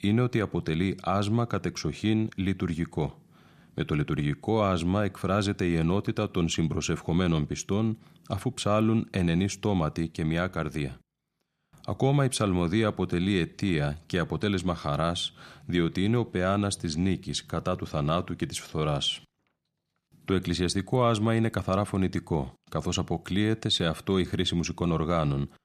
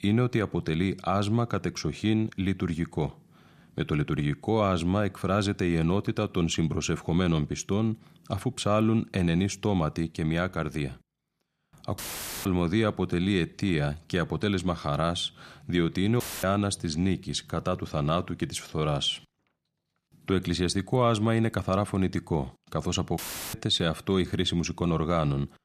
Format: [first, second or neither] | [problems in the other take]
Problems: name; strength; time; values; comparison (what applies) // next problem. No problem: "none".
first | audio cutting out; filled with static; at 12 s, at 16 s and at 23 s